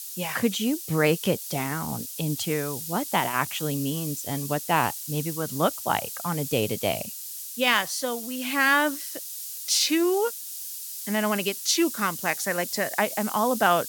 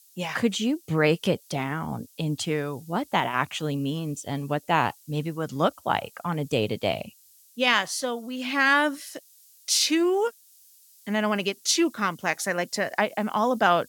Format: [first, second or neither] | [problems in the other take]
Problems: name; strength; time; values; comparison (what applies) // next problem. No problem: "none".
second | hiss; loud; throughout; 7 dB below the speech; faint in the second